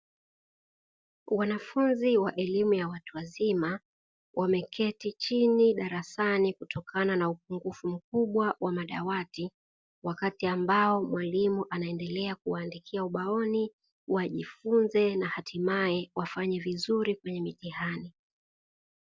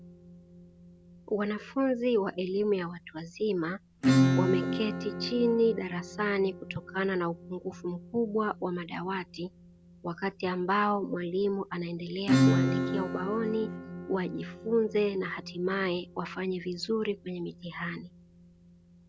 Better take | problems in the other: first | background sound (Acoustic guitar / Strum); 2 dB below the speech

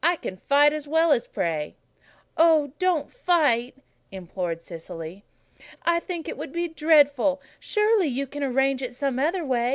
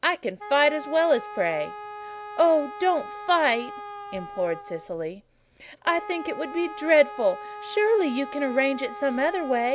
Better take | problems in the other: first | background sound (Wind instrument, woodwind instrument); 13 dB below the speech

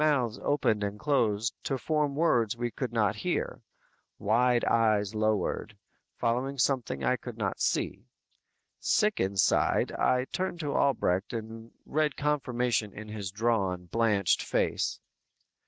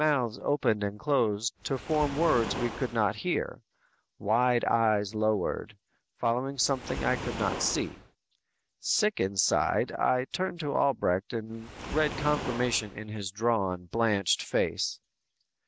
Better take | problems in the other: first | background sound (Waves, surf); 13 dB below the speech

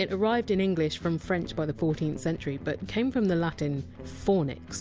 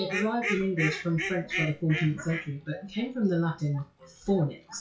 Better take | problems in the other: first | noise reduction (classical method WPE with log-MMSE)

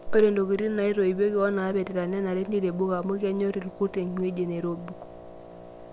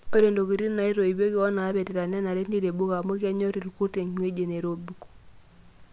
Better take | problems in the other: second | background sound (Wind instrument, woodwind instrument); 18 dB below the speech

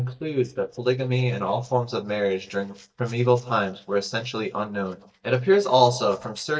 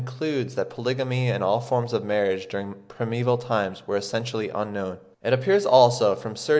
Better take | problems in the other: second | noise reduction (neural mask model DeepFilterNet 3)

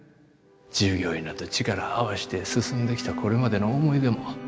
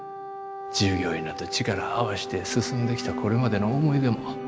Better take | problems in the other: first | background sound (Wind instrument, woodwind instrument); 10 dB below the speech

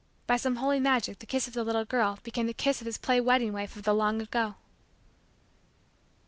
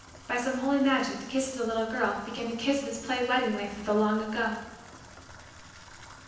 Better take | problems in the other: first | background sound (Bathtub (filling or washing) / Water tap, faucet); 19 dB below the speech // room echo; dies away in 0.9 s

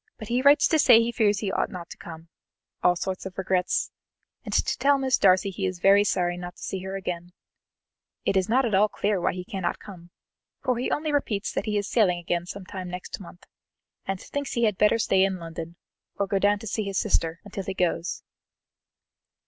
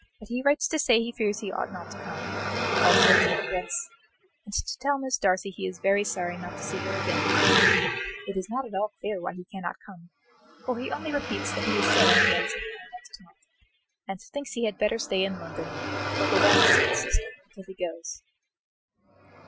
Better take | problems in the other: first | noise reduction (classical method Wiener filter)

